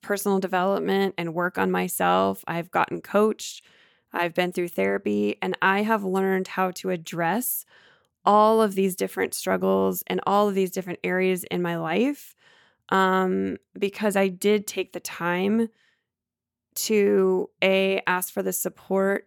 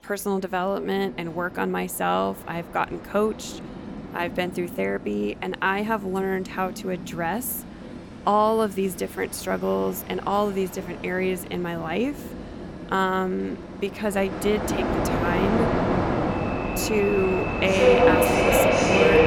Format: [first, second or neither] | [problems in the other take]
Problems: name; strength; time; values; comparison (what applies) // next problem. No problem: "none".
first | train or aircraft noise; very loud; throughout; 3 dB above the speech